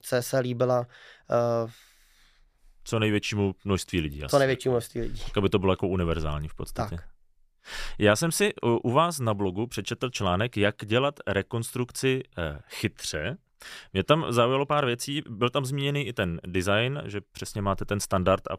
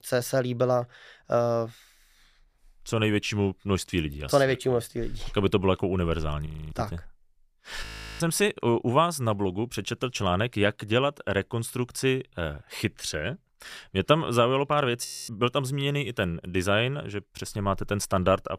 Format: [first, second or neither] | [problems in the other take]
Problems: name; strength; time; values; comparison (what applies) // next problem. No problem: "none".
first | audio freezing; at 6.5 s, at 8 s and at 15 s